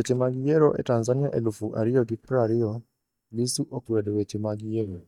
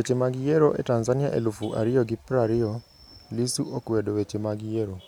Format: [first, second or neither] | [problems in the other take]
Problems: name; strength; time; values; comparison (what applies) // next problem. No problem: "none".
second | noise reduction (neural mask model DeepFilterNet 3)